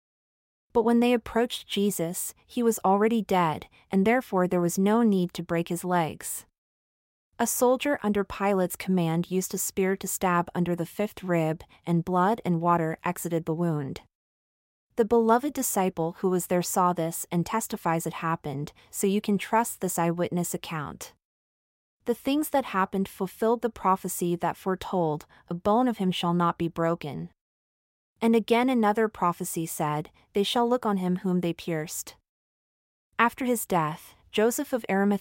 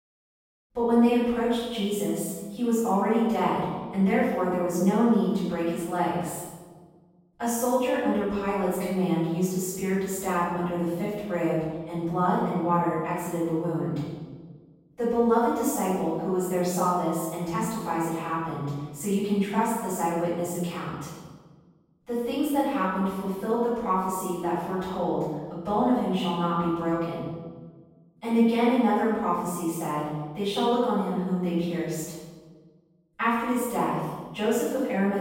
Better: first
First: none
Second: room echo; strong; dies away in 1.2 s // off-mic speech; far

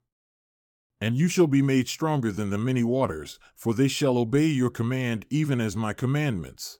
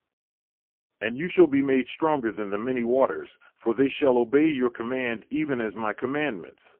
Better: first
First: none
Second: phone-call audio; poor line; nothing above 3 kHz

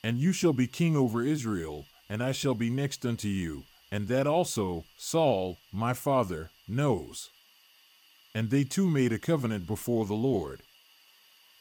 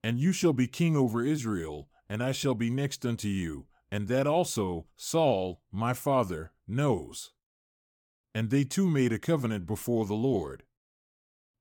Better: second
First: hiss; faint; throughout; 30 dB below the speech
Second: none

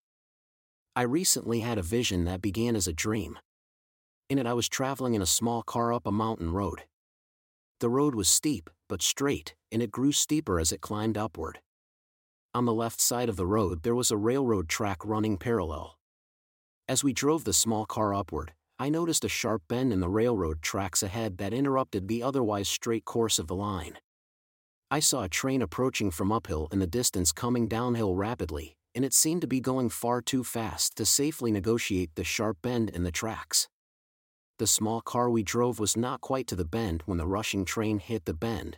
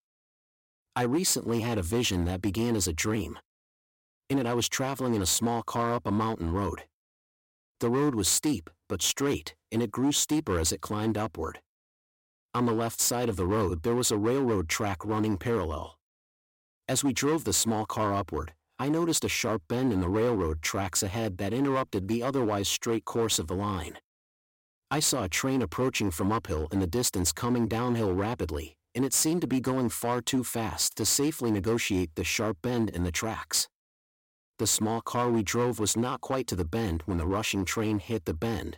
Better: first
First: none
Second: distortion; slight; 7% of the sound clipped

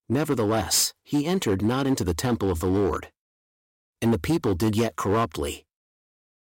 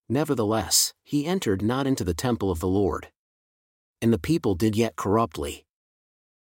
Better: second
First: distortion; slight; 7% of the sound clipped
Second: none

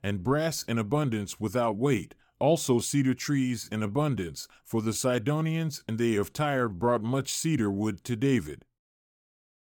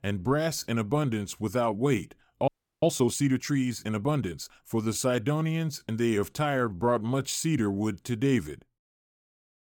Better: first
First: none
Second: audio freezing; at 2.5 s

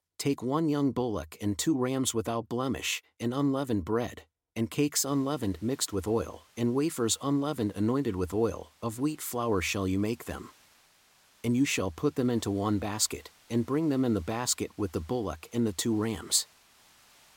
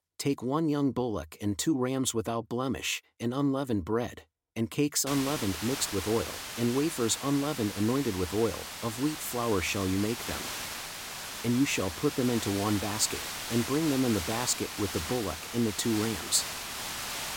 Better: first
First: hiss; faint; from 5 s on; 30 dB below the speech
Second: hiss; loud; from 5 s on; 6 dB below the speech

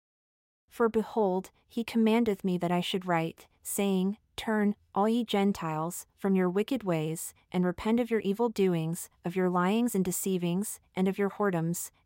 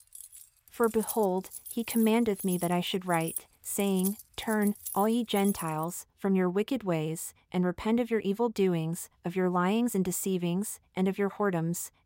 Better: first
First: none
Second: jangling keys; noticeable; until 6 s; peak 7 dB below the speech

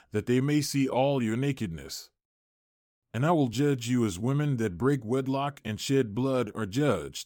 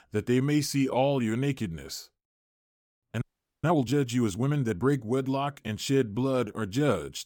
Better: first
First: none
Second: audio freezing; at 3 s

